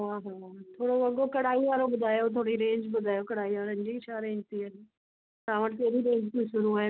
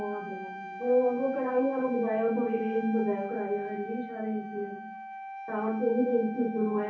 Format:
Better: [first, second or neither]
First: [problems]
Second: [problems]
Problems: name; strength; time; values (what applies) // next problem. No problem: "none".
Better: first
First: none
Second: background sound (Wind instrument, woodwind instrument); 11 dB below the speech // room echo; dies away in 0.6 s